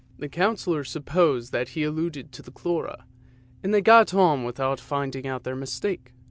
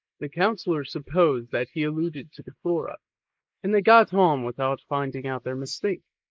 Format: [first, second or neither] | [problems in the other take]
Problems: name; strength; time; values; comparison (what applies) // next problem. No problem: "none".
first | noise reduction (neural mask model Resemble Enhance denoiser)